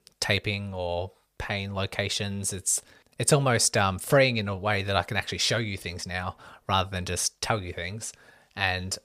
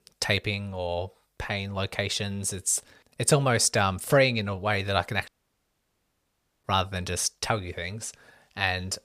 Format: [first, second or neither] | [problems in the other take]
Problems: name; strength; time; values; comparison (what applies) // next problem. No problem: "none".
first | audio cutting out; at 5.5 s for 1.5 s